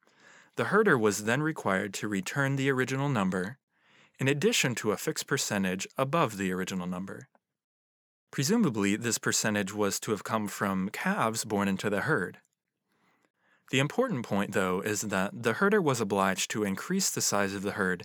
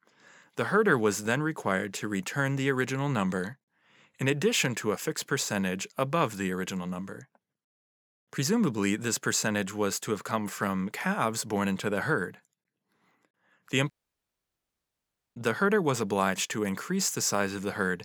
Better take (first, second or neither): first